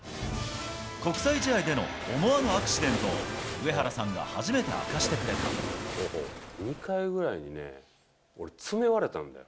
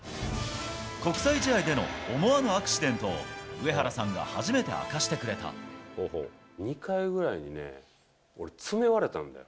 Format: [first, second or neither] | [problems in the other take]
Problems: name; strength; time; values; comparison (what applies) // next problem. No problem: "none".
second | background sound (Waves, surf); 5 dB below the speech